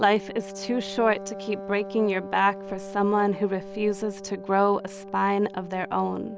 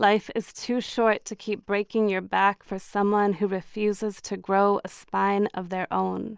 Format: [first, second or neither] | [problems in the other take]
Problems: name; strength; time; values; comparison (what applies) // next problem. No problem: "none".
second | background sound (Wind instrument, woodwind instrument); 13 dB below the speech